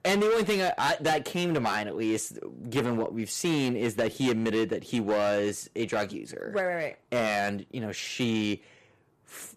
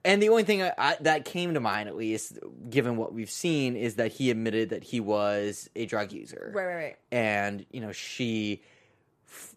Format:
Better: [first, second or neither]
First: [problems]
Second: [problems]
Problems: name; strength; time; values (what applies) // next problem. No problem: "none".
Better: second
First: distortion; heavy; 9% of the sound clipped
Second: none